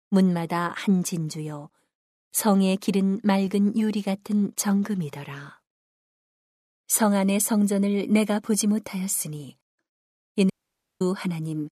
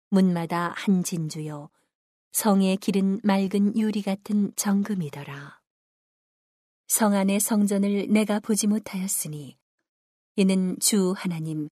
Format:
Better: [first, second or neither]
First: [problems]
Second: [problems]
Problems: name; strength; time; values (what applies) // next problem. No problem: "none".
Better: second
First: audio cutting out; at 11 s for 0.5 s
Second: none